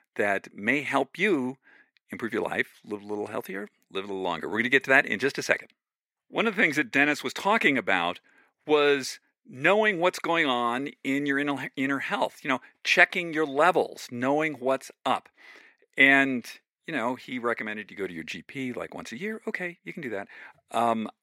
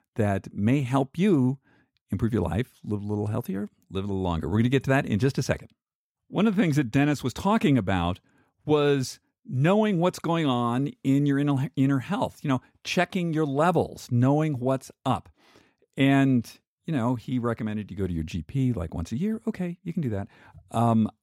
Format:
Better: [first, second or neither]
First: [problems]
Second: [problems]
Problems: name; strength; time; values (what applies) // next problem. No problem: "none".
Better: second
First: thin; somewhat; fading below 400 Hz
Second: none